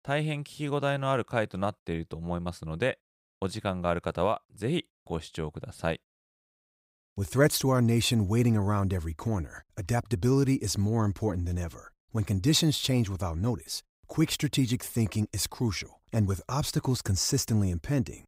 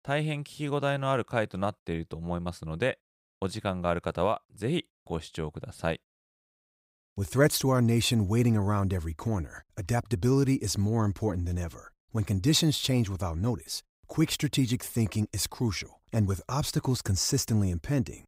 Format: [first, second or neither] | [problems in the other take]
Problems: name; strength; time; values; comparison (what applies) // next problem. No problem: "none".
neither | none